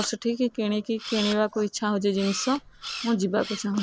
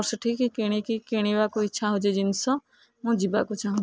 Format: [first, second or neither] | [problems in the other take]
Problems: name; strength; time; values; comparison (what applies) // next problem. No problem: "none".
second | background sound (Camera); 13 dB below the speech